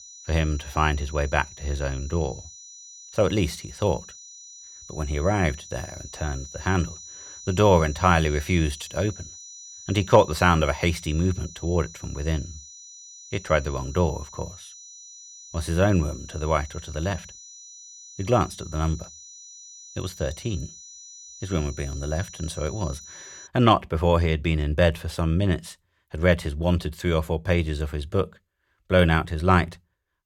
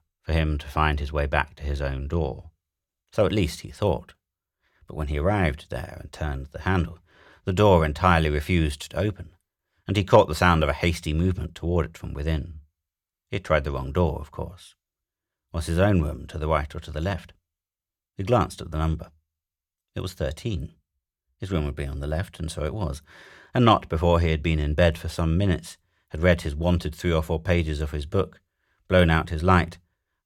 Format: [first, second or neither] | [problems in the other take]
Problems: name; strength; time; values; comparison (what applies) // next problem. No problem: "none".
second | high-pitched whine; noticeable; until 23 s; 6 kHz, 15 dB below the speech